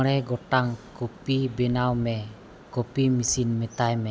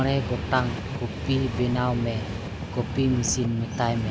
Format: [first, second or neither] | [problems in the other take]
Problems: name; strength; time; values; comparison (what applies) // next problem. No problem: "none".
first | background sound (Train); 5 dB below the speech